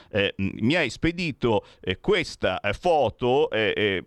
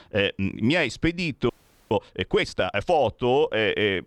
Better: first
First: none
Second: audio freezing; at 1.5 s

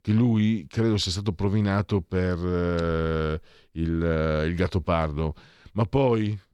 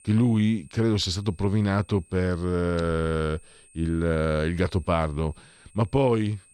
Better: first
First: none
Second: high-pitched whine; faint; throughout; 8.5 kHz, 30 dB below the speech

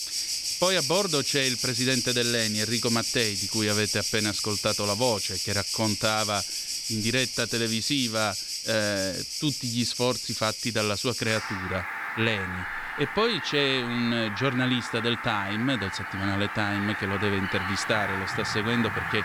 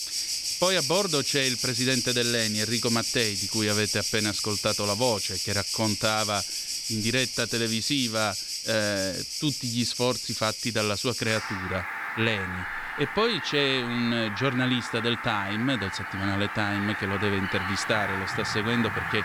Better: neither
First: animal sounds; loud; throughout; 2 dB below the speech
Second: animal sounds; loud; throughout; 2 dB below the speech

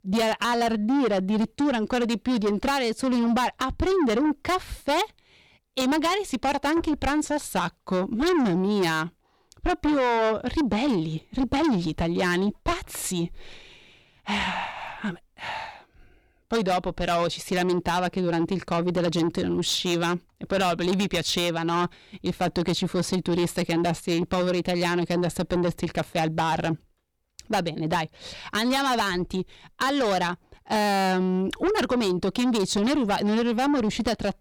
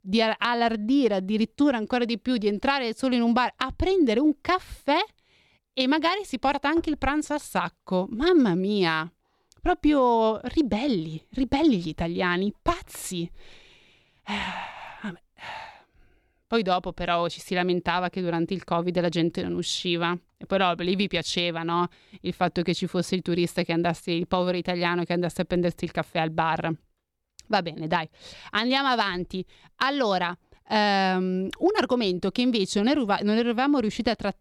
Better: second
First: distortion; heavy; 8 dB below the speech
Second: none

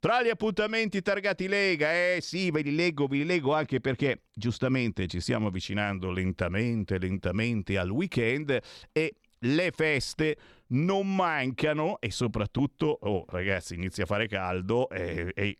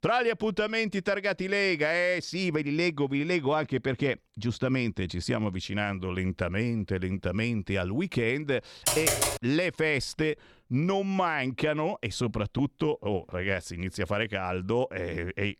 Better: first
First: none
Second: keyboard typing; loud; at 9 s; peak 4 dB above the speech

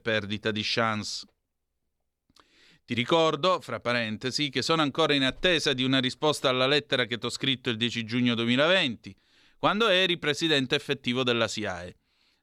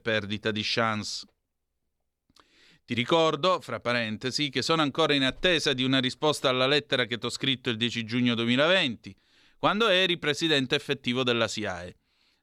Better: neither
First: none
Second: none

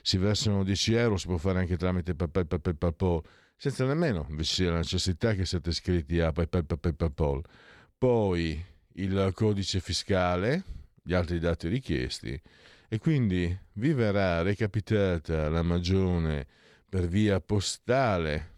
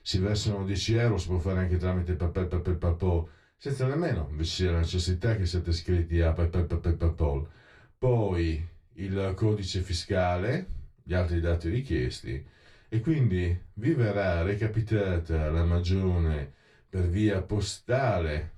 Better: first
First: none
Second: off-mic speech; far // room echo; very slight; dies away in 0.2 s

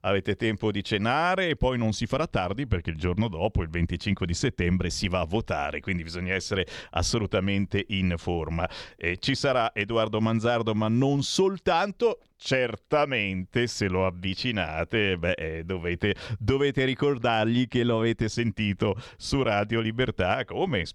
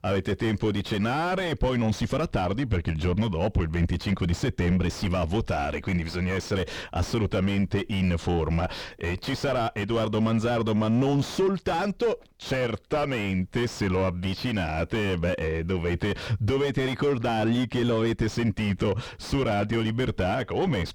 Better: first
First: none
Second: distortion; heavy; 6 dB below the speech

